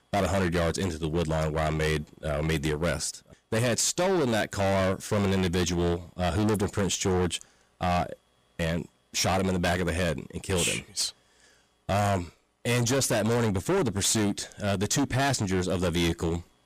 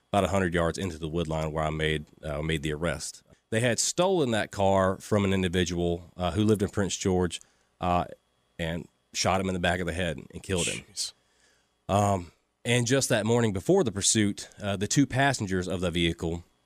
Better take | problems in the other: second | distortion; heavy; 20% of the sound clipped

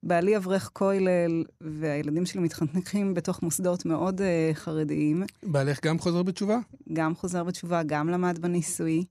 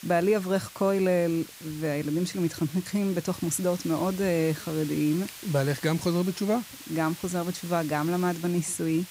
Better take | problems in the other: first | hiss; noticeable; throughout; 15 dB below the speech

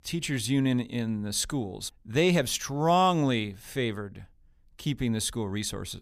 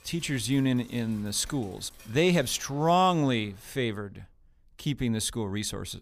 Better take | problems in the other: first | rain or running water; faint; until 3.5 s; 25 dB below the speech

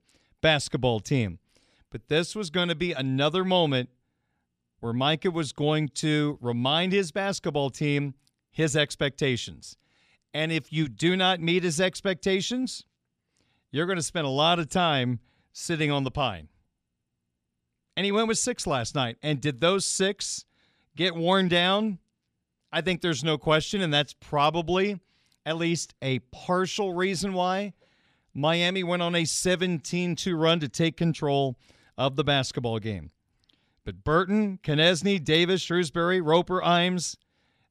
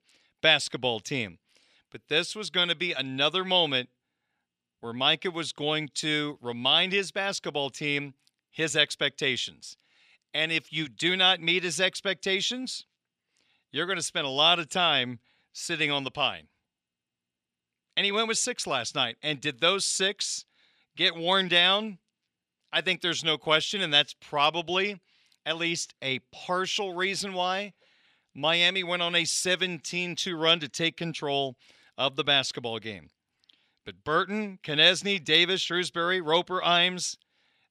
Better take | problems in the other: first | thin; very slightly; fading below 400 Hz

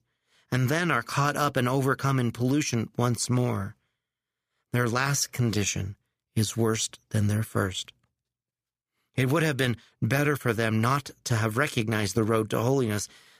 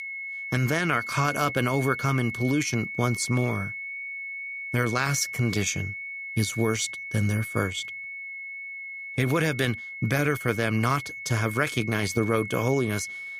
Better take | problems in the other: first | high-pitched whine; loud; throughout; 2 kHz, 7 dB below the speech

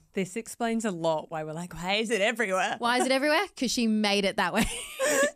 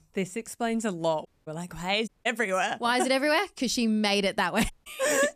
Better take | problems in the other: first | audio cutting out; at 1.5 s, at 2 s and at 4.5 s

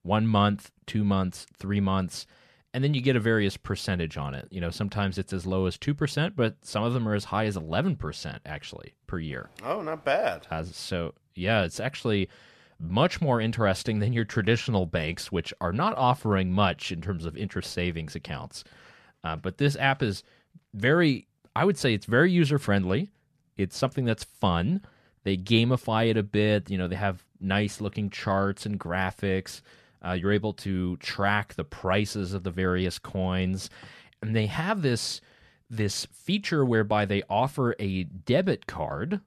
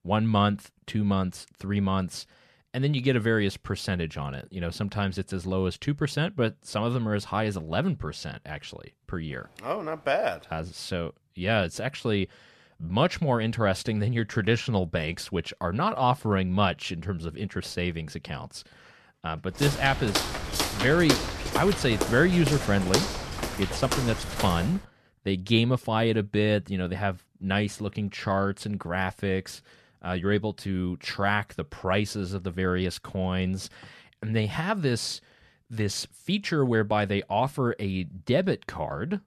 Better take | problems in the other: first | footsteps; loud; from 20 to 25 s; peak 1 dB above the speech

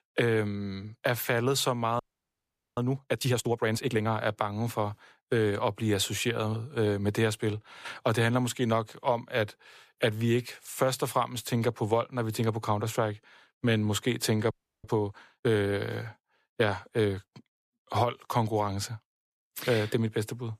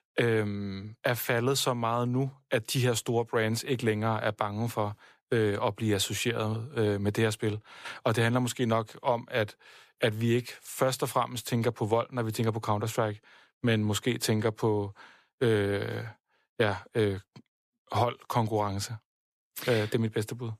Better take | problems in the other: second | audio freezing; at 2 s for 1 s and at 15 s

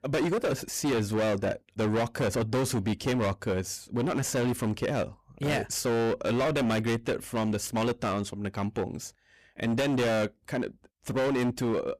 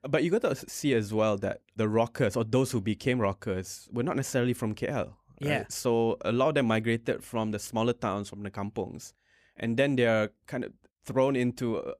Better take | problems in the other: second | distortion; heavy; 21% of the sound clipped

